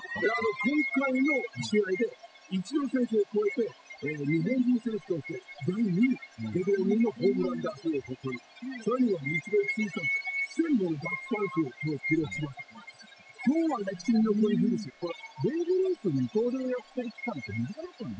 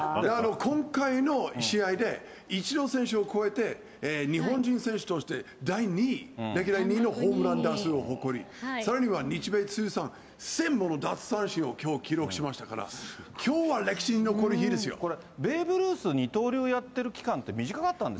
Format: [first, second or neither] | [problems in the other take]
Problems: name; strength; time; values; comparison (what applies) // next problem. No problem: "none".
second | noise reduction (classical method spectral subtraction)